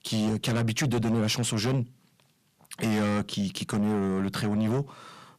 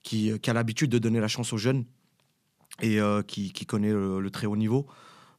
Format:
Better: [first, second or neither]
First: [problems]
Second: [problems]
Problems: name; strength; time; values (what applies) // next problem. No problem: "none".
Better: second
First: distortion; heavy; 7 dB below the speech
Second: none